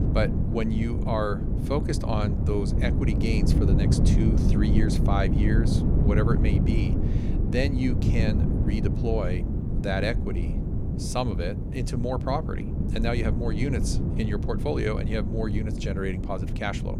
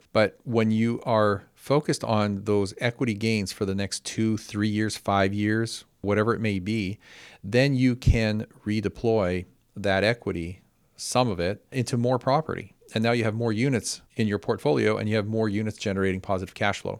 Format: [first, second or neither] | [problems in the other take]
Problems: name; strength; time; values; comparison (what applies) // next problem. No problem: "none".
second | wind noise on the microphone; heavy; 4 dB below the speech